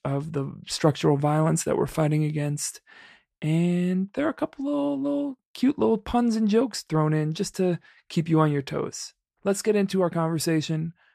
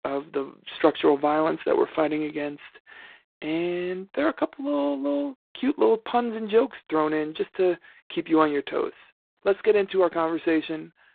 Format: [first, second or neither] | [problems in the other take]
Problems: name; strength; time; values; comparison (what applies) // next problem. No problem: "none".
first | phone-call audio; poor line; nothing above 4 kHz